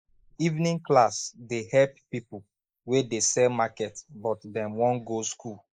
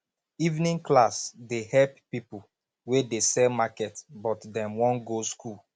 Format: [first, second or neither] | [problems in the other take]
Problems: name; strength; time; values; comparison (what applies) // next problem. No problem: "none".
second | noise reduction (neural mask model Resemble Enhance denoiser)